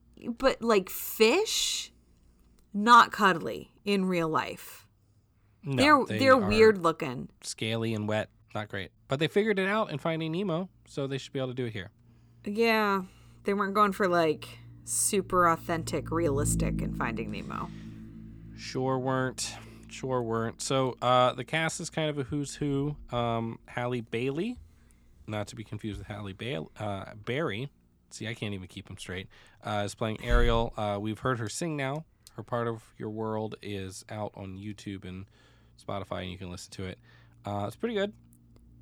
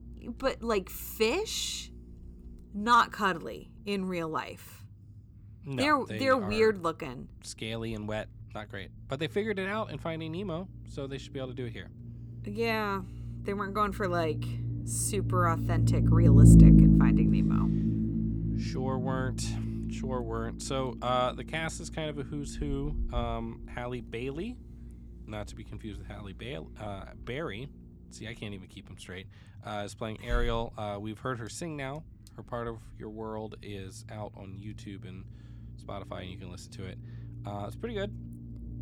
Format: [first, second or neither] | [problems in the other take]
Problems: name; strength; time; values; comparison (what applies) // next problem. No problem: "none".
first | low rumble; loud; throughout; 1 dB below the speech; faint in the first